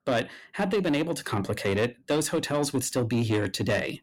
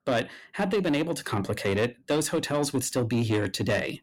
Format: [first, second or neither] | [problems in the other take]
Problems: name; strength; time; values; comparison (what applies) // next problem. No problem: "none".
neither | distortion; slight; 10 dB below the speech; the same in both